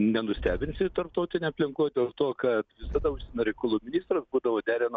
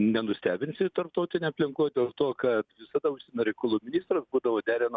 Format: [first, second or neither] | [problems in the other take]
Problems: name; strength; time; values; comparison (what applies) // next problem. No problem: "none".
second | background sound (Boom); 15 dB below the speech